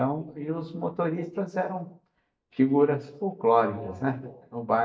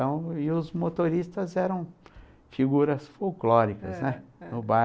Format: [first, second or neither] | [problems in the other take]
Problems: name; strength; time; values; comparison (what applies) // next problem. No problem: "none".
second | noise reduction (neural mask model DeepFilterNet 3)